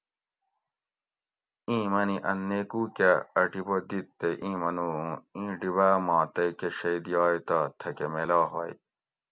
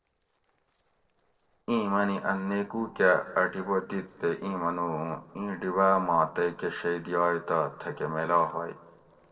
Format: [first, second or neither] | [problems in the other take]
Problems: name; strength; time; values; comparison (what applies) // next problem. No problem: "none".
first | noise reduction (neural separator model SepFormer DNS4)